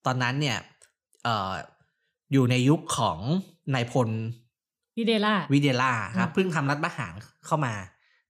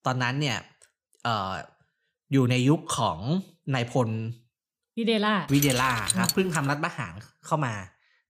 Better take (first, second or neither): first